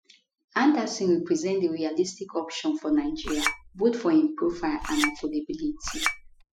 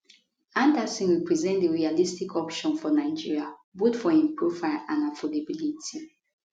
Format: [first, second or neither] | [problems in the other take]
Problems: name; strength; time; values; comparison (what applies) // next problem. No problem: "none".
second | noise reduction (classical method spectral subtraction)